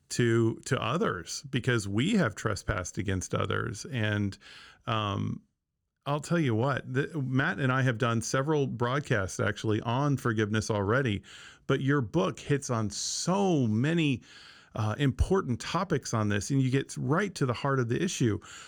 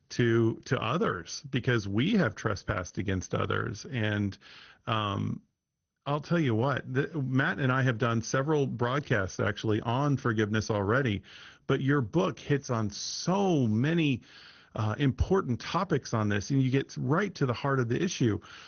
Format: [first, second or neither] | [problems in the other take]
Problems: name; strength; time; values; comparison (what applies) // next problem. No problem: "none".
first | garbled, watery; slightly; nothing above 6.5 kHz